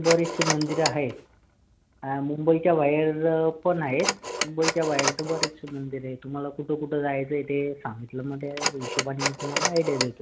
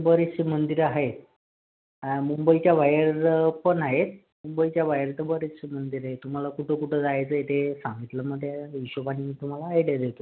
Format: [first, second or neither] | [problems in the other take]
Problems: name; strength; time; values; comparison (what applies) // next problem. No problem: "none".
second | background sound (Telephone); 6 dB below the speech